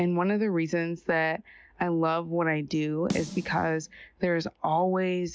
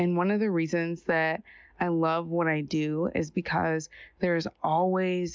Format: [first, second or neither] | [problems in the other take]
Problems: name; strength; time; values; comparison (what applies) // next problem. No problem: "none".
second | background sound (Snare drum); 13 dB below the speech